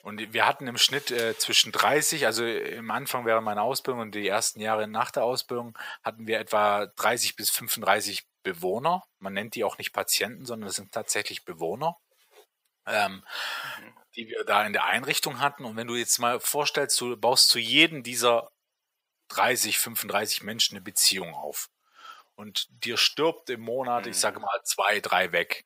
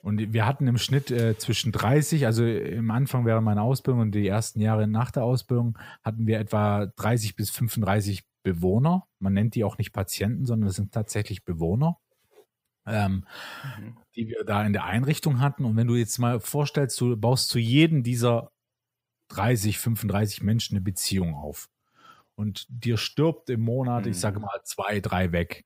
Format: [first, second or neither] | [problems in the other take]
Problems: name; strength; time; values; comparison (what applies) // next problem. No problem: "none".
second | thin; very; fading below 600 Hz